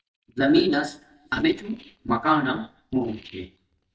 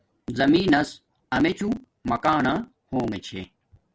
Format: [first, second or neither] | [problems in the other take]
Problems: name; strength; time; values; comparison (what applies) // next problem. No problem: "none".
second | noise reduction (neural mask model DeepFilterNet 3)